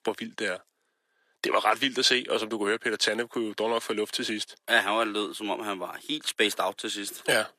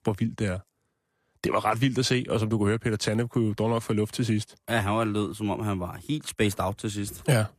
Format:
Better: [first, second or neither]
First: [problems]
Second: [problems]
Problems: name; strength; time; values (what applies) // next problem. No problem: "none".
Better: second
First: thin; somewhat; fading below 350 Hz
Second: none